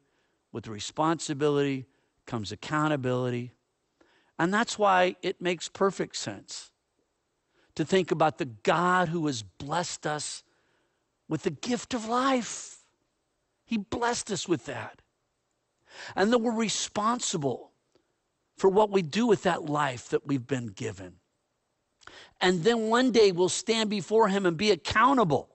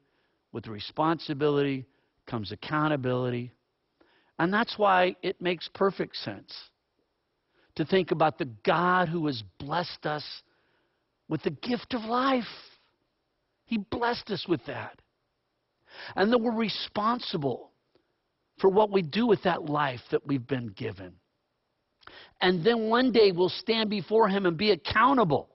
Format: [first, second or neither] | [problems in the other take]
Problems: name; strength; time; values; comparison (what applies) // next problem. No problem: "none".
first | garbled, watery; badly; nothing above 5.5 kHz; slightly in the first